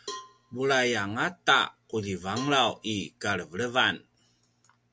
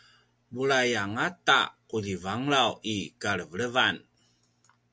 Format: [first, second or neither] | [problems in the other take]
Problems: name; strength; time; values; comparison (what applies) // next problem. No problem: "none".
second | background sound (Cowbell); 18 dB below the speech